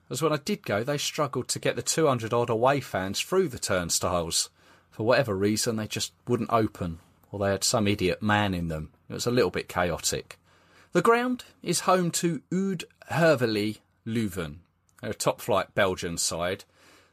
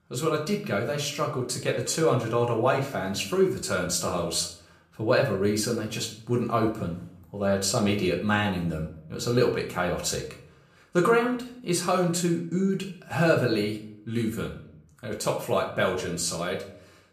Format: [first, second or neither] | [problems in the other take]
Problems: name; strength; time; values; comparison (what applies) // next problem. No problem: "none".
first | room echo; slight; dies away in 0.5 s // off-mic speech; somewhat distant